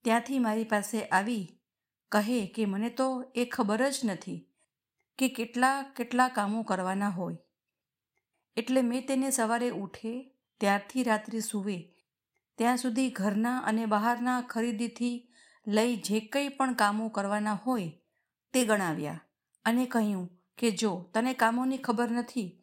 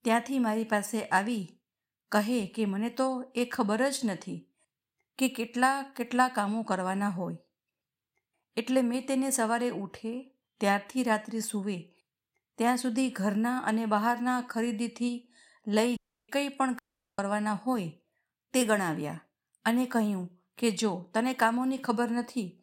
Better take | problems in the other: first | audio cutting out; at 16 s and at 17 s

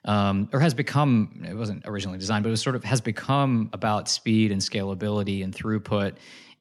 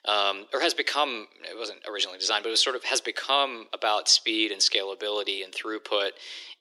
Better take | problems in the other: first | thin; very; fading below 350 Hz

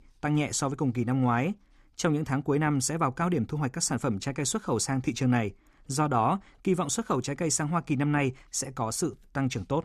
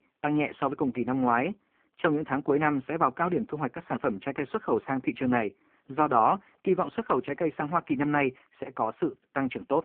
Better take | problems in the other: first | phone-call audio; poor line

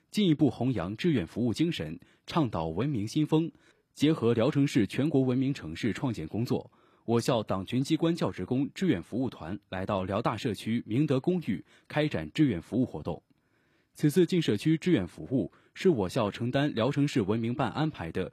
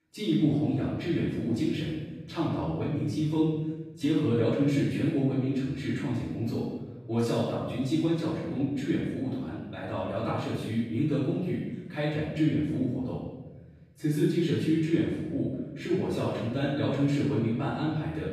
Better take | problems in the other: first | room echo; strong; dies away in 1.1 s // off-mic speech; far

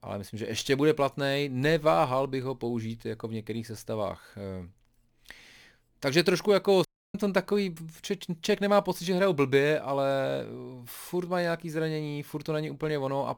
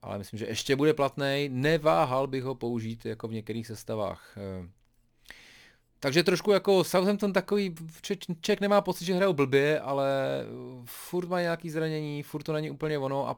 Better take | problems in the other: second | audio cutting out; at 7 s

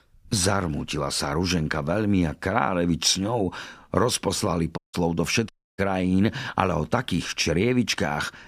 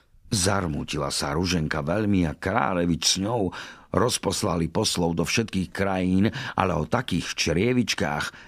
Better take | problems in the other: second | audio cutting out; at 5 s and at 5.5 s

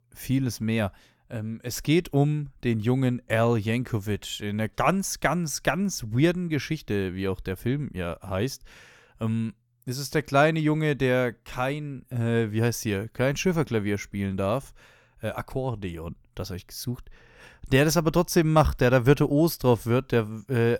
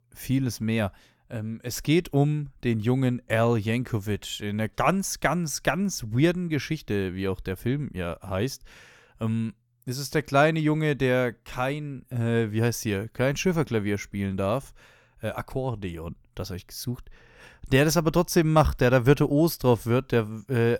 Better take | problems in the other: neither | none

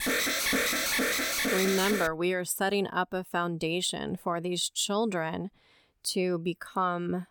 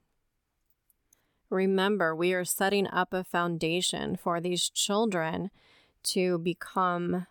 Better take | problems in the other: second | alarm; loud; until 2 s; peak 4 dB above the speech

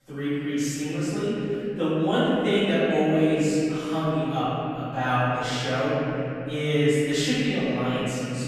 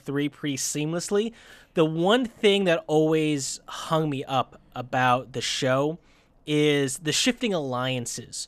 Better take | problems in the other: second | off-mic speech; far // room echo; strong; dies away in 3 s

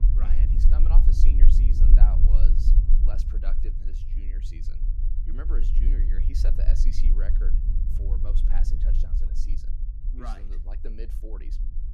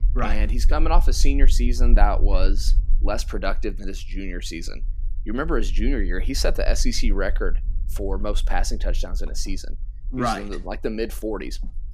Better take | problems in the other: second | low rumble; loud; throughout; 1 dB below the speech; faint in the second

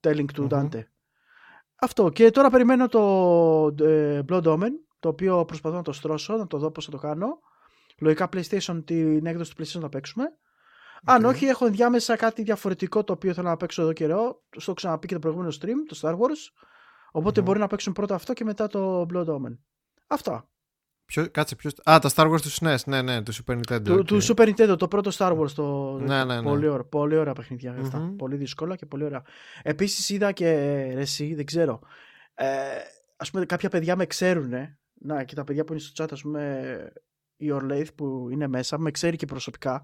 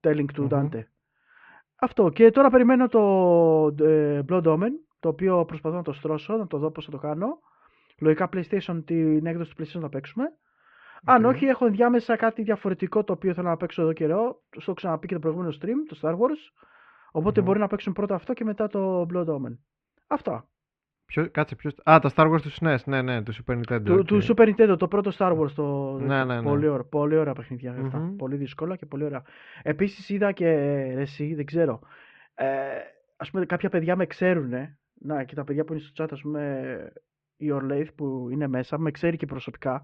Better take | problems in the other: first | muffled; very; fading above 2.5 kHz

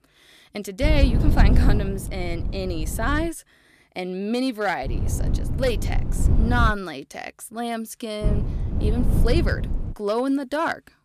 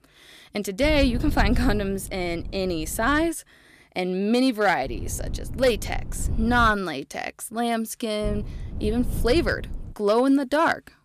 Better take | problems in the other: second | wind noise on the microphone; heavy; from 1 to 3.5 s, from 5 to 6.5 s and from 8 to 10 s; 9 dB below the speech; occasional gusts in the second

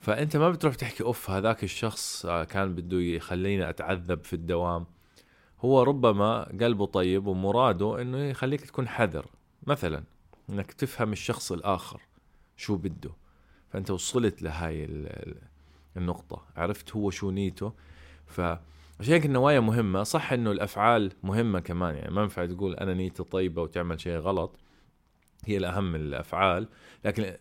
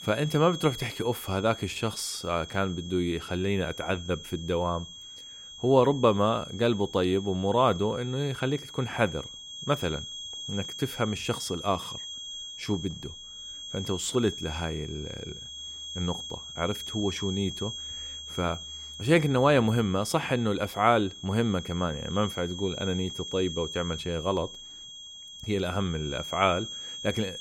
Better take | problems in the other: first | high-pitched whine; loud; throughout; 3.5 kHz, 10 dB below the speech

